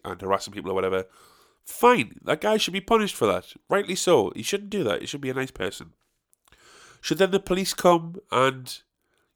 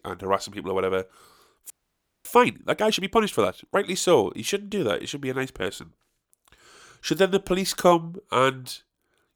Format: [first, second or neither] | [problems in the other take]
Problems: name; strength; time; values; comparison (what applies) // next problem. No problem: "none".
first | audio freezing; at 1.5 s for 0.5 s